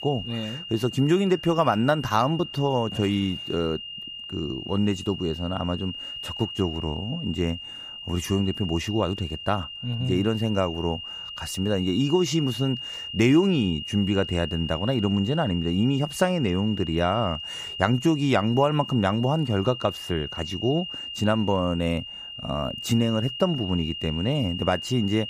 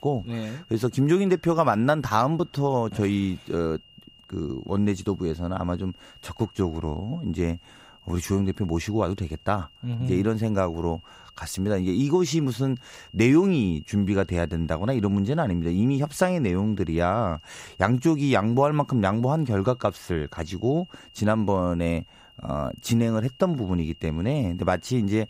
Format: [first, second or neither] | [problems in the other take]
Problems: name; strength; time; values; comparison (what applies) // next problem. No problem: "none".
second | high-pitched whine; loud; throughout; 3 kHz, 9 dB below the speech; faint in the second